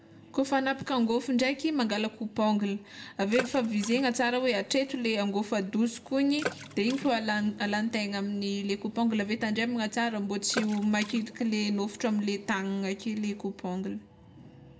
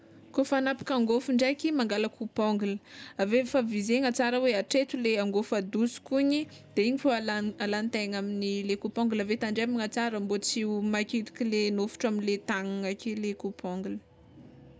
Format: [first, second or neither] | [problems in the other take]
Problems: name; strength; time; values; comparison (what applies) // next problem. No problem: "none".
second | background sound (Water / Splash, splatter); 14 dB below the speech // room echo; dies away in 0.4 s